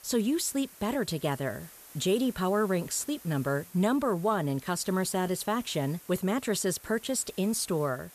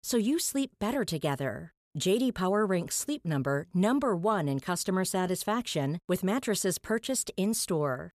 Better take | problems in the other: second | hiss; noticeable; throughout; 20 dB below the speech

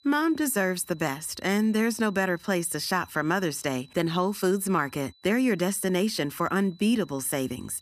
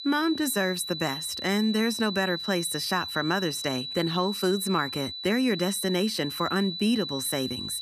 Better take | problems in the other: first | high-pitched whine; loud; throughout; 4 kHz, 6 dB below the speech; faint in the first

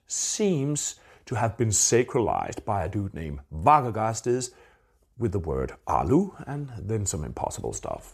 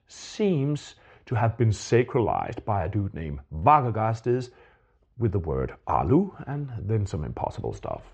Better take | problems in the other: first | muffled; very slightly; fading above 3.5 kHz

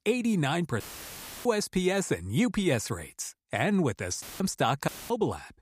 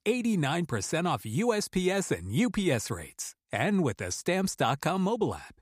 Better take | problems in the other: second | audio cutting out; filled with static; at 1 s for 0.5 s, at 4 s and at 5 s

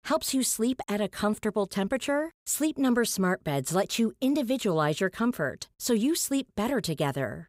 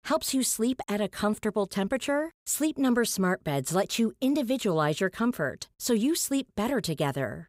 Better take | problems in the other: neither | none

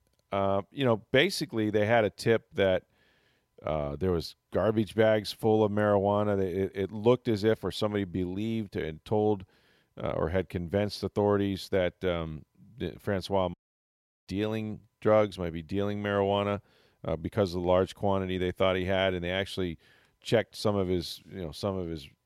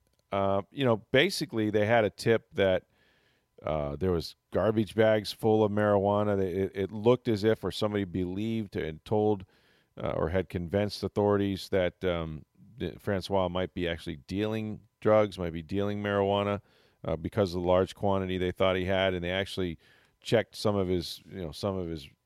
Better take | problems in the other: second | audio cutting out; at 14 s for 0.5 s

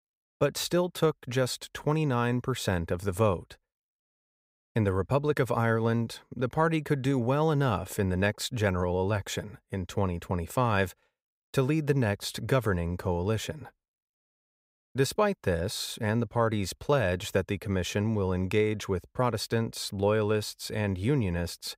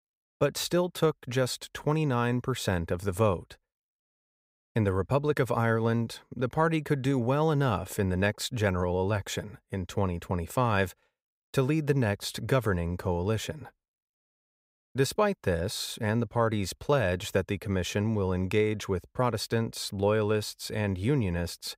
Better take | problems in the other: neither | none

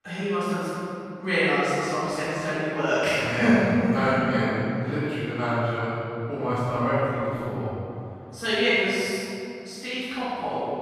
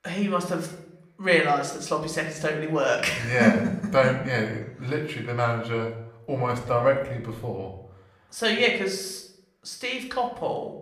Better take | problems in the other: second | room echo; strong; dies away in 2.6 s; slight in the second // off-mic speech; far; somewhat distant in the second

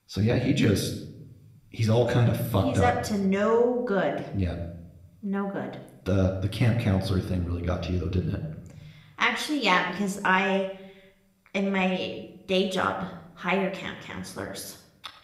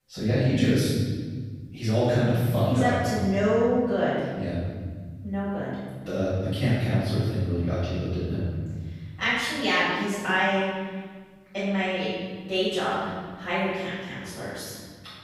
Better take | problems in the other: first | room echo; strong; dies away in 2.1 s; slight in the first // off-mic speech; far

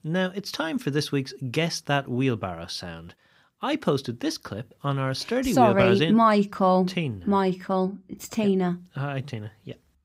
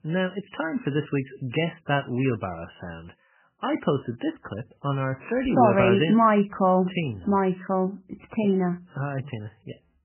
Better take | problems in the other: first | garbled, watery; badly; nothing above 3 kHz

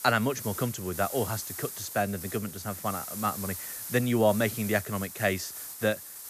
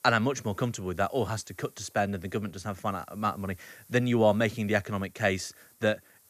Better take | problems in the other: second | hiss; loud; throughout; 7 dB below the speech; faint in the second

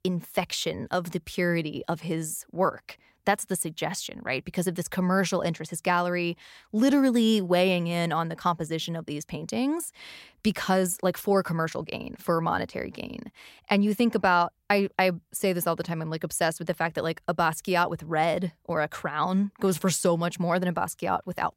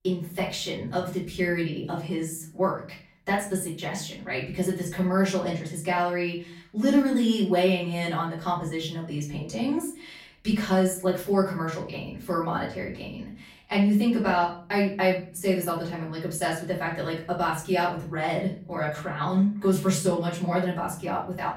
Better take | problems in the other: first | off-mic speech; far // room echo; slight; dies away in 0.5 s

